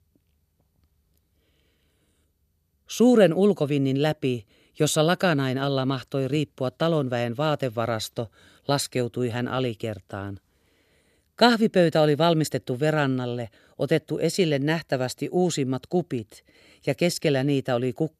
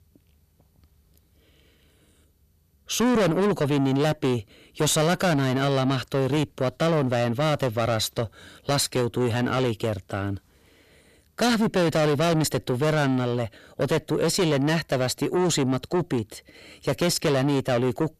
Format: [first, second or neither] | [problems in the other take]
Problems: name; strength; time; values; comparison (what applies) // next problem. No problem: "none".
first | distortion; heavy; 5 dB below the speech